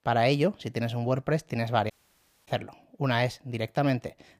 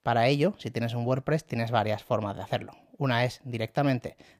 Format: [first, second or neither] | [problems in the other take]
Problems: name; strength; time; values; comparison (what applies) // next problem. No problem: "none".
second | audio cutting out; at 2 s for 0.5 s